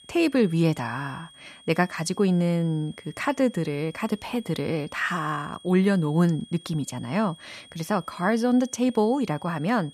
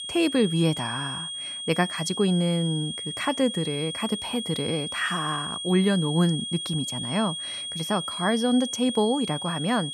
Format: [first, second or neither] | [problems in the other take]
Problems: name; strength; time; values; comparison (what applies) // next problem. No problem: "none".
first | high-pitched whine; loud; throughout; 3.5 kHz, 5 dB below the speech; faint in the first